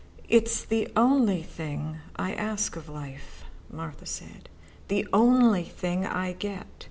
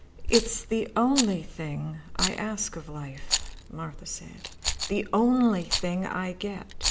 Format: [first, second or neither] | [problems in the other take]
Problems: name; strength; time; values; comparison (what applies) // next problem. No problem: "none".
first | background sound (Rattle); 5 dB below the speech